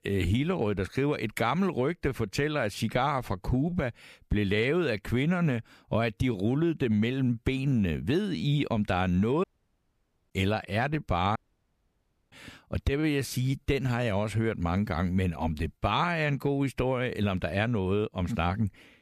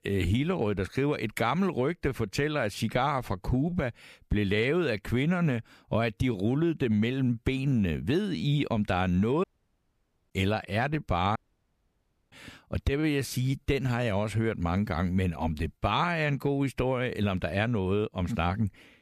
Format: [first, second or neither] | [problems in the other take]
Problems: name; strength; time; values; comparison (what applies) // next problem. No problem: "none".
neither | audio cutting out; at 9.5 s for 1 s and at 11 s for 1 s; the same in both